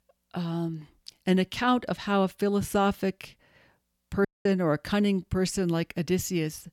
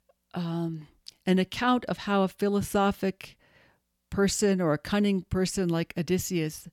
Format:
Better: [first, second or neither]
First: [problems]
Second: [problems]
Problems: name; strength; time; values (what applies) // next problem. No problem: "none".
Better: second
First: audio cutting out; at 4.5 s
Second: none